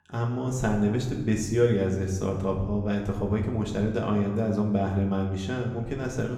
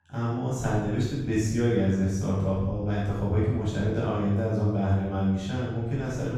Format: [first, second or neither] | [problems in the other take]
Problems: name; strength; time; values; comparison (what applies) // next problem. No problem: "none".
first | room echo; strong; dies away in 0.9 s; slight in the first // off-mic speech; far; somewhat distant in the first